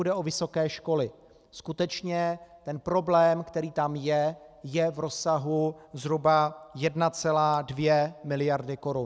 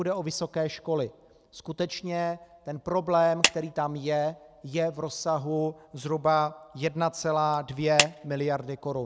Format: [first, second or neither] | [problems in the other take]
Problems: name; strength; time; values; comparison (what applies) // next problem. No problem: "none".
first | background sound (Clapping); 2 dB below the speech